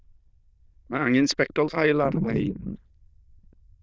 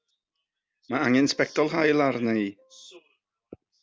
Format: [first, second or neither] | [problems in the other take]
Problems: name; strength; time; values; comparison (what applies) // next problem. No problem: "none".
second | noise reduction (neural diffusion model UNIVERSE++)